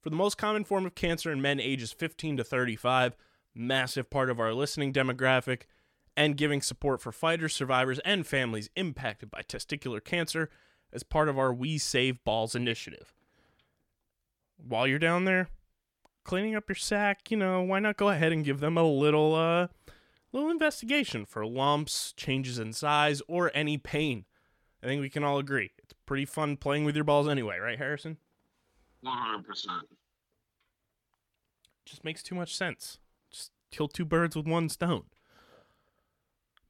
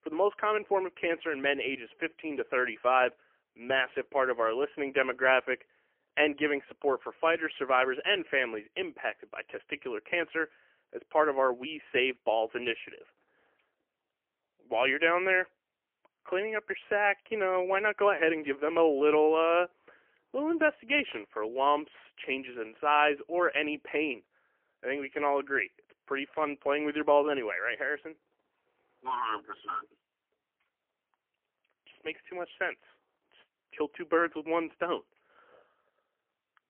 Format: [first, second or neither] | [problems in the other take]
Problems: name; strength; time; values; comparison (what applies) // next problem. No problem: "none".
first | phone-call audio; poor line; nothing above 3 kHz